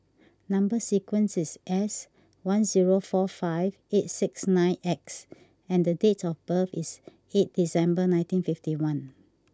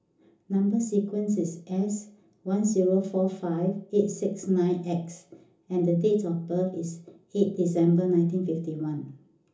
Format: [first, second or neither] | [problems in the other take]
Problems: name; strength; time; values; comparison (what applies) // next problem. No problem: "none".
first | room echo; dies away in 0.8 s